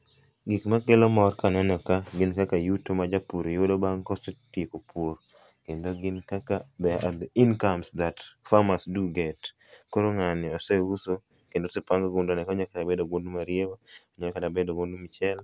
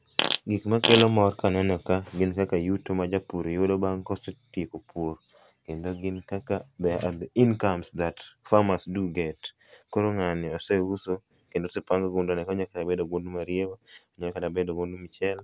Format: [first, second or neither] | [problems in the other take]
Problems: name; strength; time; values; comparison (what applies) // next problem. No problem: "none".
first | background sound (Fart); 1 dB below the speech